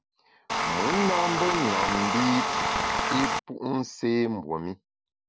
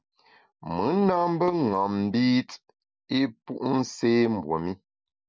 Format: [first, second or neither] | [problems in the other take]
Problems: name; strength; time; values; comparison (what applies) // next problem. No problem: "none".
second | background sound (Tools); 2 dB above the speech